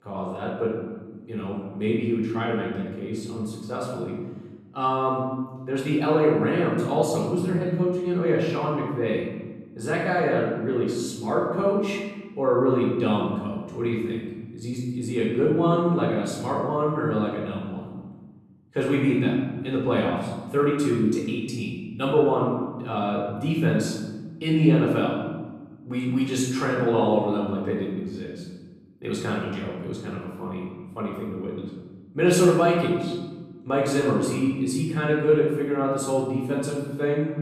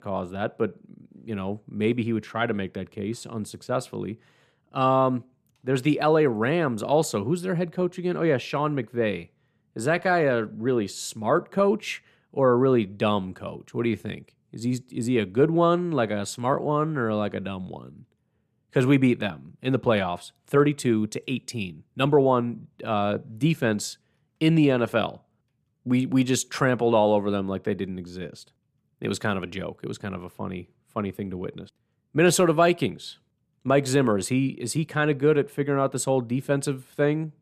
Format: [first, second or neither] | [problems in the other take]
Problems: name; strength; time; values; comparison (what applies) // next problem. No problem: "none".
second | off-mic speech; far // room echo; noticeable; dies away in 1.2 s